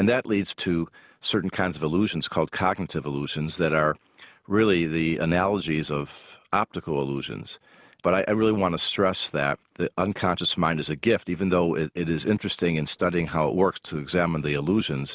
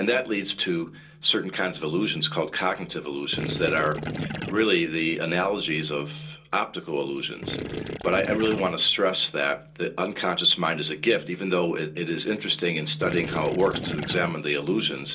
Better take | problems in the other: first | background sound (Gurgling / Liquid); 7 dB below the speech // room echo; dies away in 0.2 s

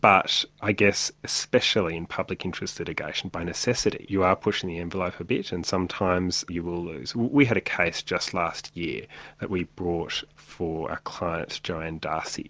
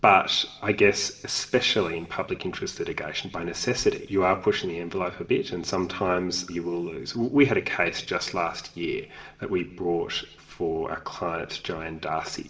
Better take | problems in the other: first | room echo; dies away in 1 s

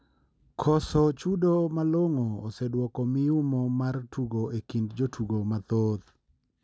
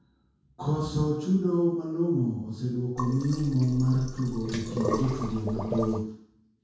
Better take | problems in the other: first | background sound (Sink (filling or washing)); 7 dB below the speech // room echo; dies away in 0.6 s

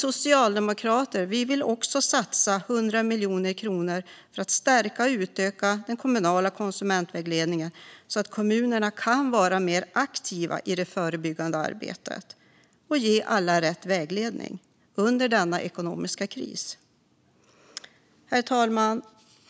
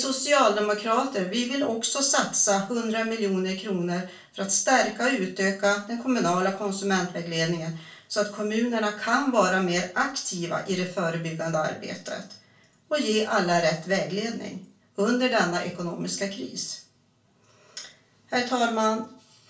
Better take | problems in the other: first | room echo; dies away in 0.3 s

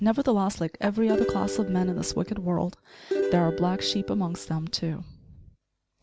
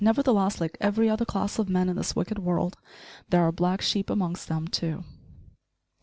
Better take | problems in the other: second | background sound (Plucked string instrument); 5 dB below the speech

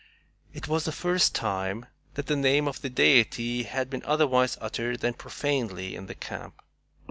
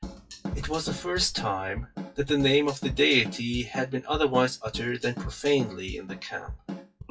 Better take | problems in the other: first | noise reduction (classical method WPE with log-MMSE)

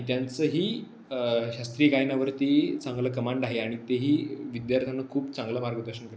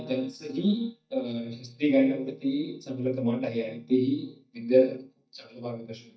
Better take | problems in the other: first | noise reduction (neural mask model DeepFilterNet 3)

